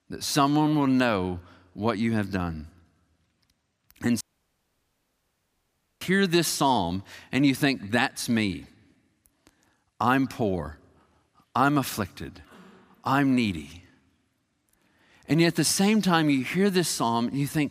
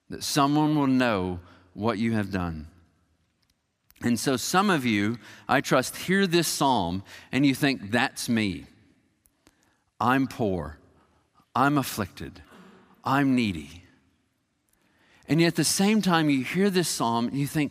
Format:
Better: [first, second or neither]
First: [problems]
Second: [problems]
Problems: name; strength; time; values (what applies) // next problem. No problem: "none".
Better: second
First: audio cutting out; at 4 s for 2 s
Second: none